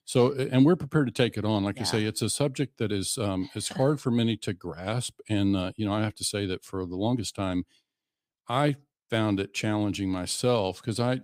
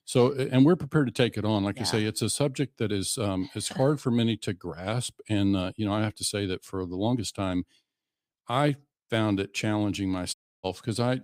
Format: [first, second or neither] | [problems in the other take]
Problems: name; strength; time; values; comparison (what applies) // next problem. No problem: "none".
first | audio cutting out; at 10 s